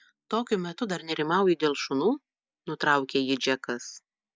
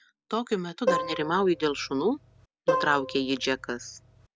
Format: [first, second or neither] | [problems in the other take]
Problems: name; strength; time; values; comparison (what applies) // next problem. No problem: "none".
first | background sound (Plucked string instrument); 3 dB below the speech